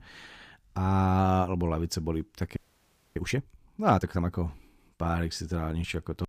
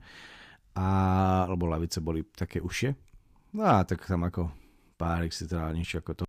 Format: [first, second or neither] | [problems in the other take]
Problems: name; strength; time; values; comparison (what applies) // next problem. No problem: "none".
second | audio freezing; at 2.5 s for 0.5 s